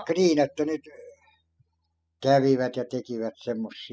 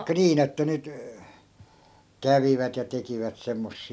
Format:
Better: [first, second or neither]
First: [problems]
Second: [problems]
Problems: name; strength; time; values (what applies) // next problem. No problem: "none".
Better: second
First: noise reduction (classical method spectral subtraction)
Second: none